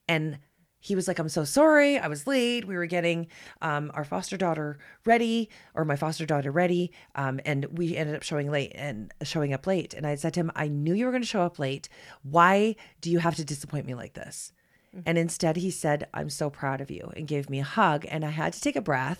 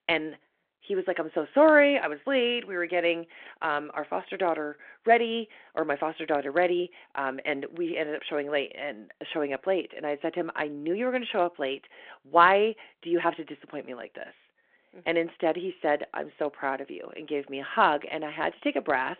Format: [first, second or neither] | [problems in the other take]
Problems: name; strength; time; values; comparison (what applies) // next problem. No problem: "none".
first | phone-call audio